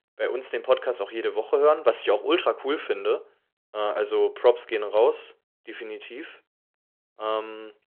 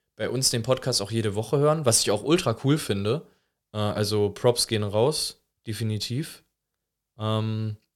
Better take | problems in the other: second | phone-call audio

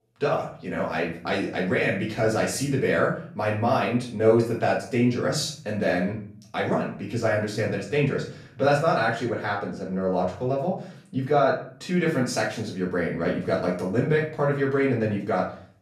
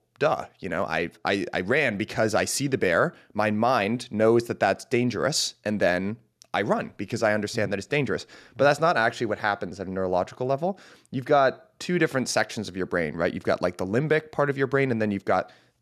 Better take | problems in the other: second | off-mic speech; far // room echo; noticeable; dies away in 0.5 s

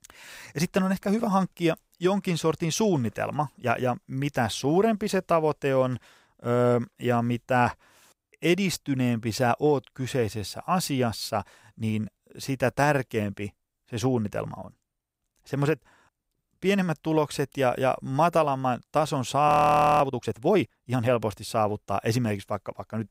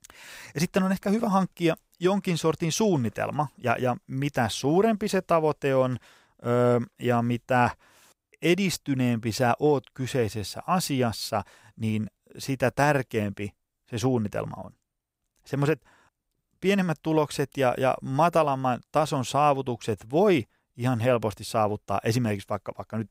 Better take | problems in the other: second | audio freezing; at 19 s for 0.5 s

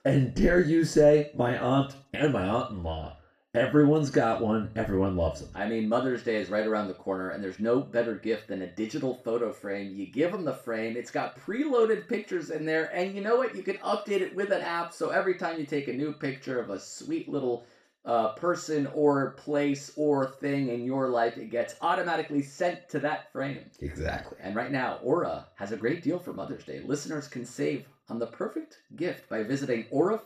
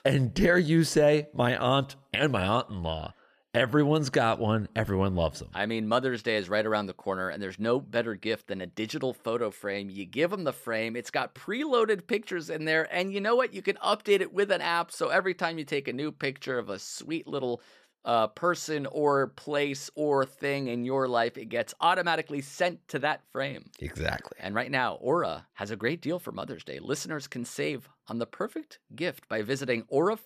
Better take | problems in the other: second | room echo; slight; dies away in 0.3 s // off-mic speech; far

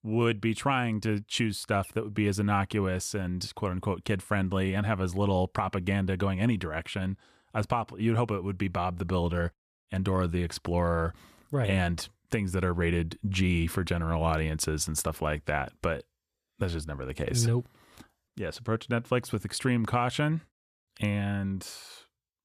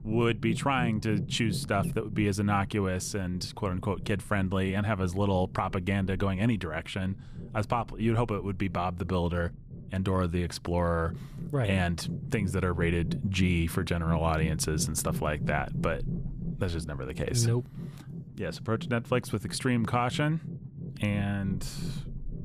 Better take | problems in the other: first | low rumble; noticeable; throughout; 15 dB below the speech

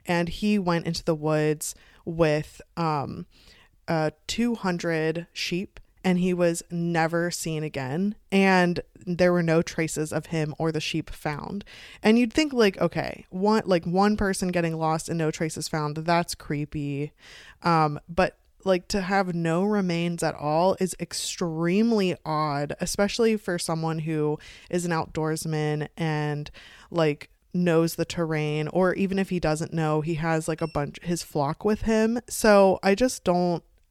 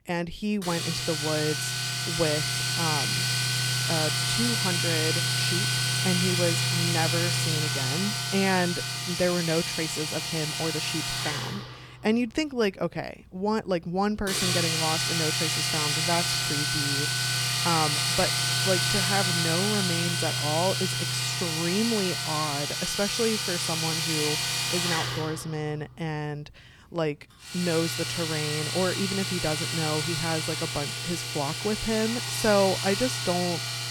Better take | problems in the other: first | household noises; very loud; throughout; 4 dB above the speech

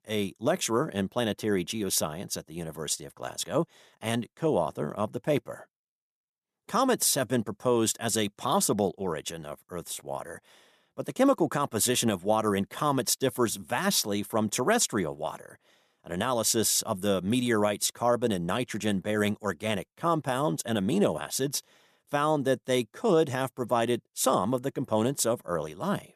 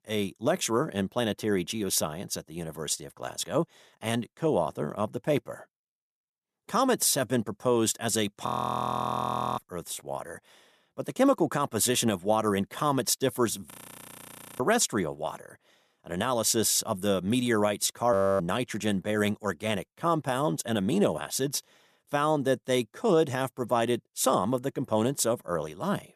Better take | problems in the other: first | audio freezing; at 8.5 s for 1 s, at 14 s for 1 s and at 18 s

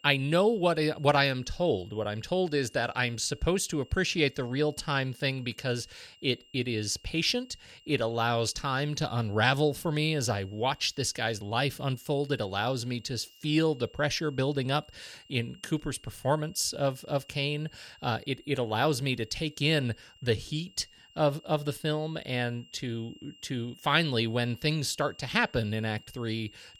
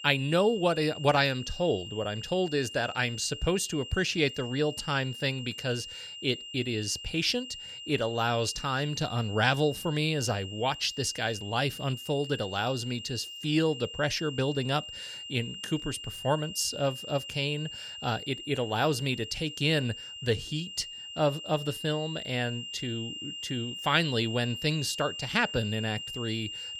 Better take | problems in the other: first | high-pitched whine; loud; throughout; 3 kHz, 9 dB below the speech; faint in the first

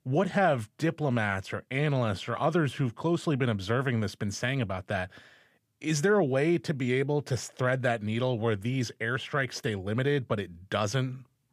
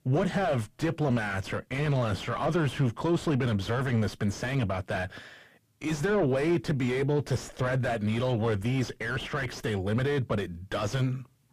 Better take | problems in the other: first | distortion; heavy; 5 dB below the speech

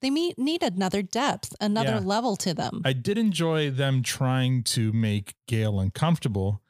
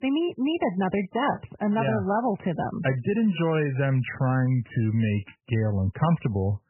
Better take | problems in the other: first | garbled, watery; badly; nothing above 3 kHz

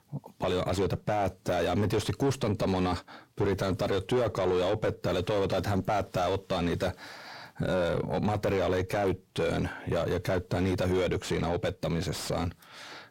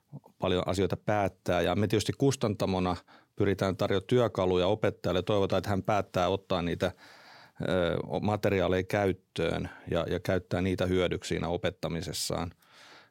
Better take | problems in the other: second | distortion; heavy; 7 dB below the speech

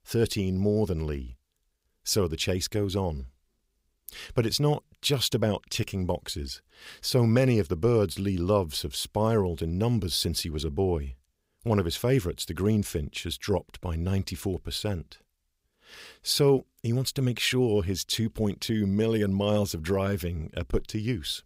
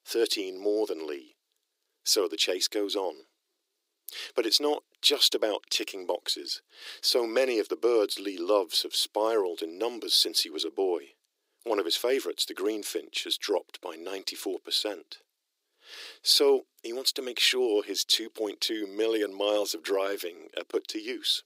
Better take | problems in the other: first | thin; very; fading below 300 Hz

